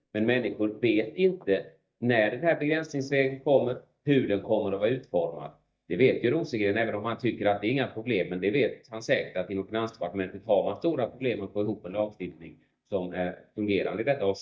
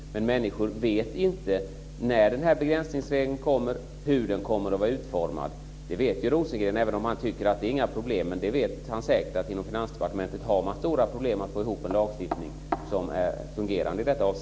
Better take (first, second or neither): second